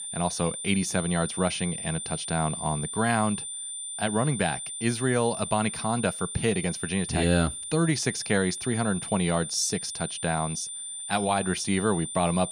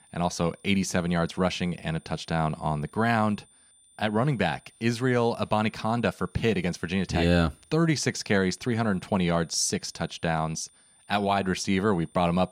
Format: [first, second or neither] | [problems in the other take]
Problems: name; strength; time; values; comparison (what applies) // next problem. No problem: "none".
second | high-pitched whine; loud; throughout; 9 kHz, 6 dB below the speech; faint in the second